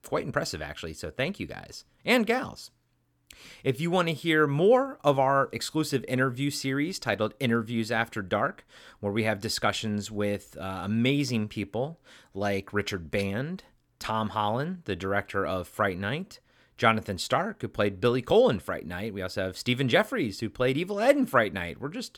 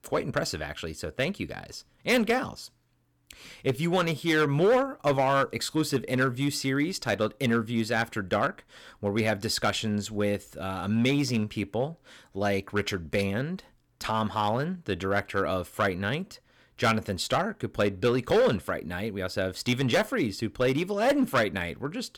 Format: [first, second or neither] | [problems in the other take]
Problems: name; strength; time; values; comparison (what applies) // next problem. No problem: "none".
first | distortion; slight; 4% of the sound clipped